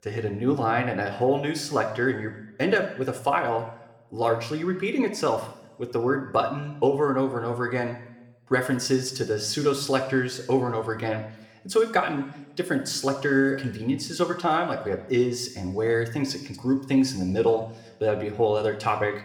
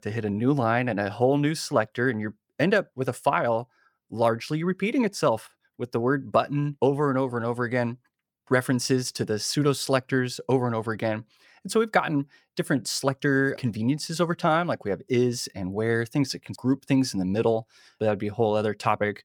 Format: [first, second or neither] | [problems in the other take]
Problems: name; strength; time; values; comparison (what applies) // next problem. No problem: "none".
second | room echo; slight; dies away in 0.8 s